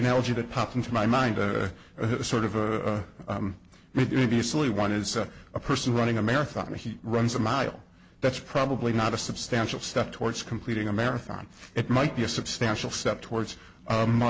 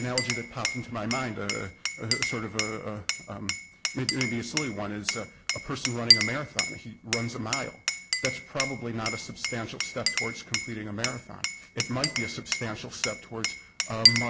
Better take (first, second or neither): first